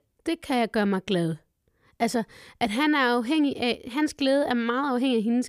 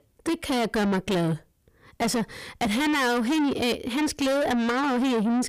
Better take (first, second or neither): first